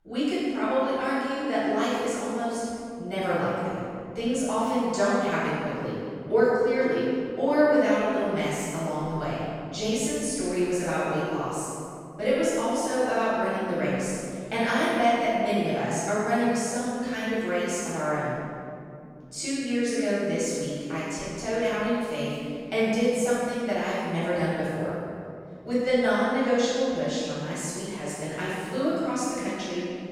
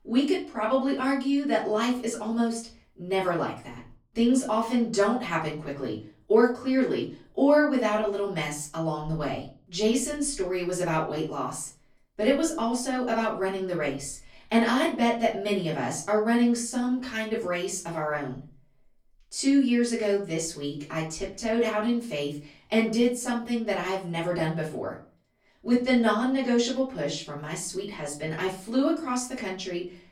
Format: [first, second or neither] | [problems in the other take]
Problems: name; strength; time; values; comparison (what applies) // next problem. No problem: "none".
second | room echo; strong; dies away in 2.5 s; slight in the second // off-mic speech; far; far in the second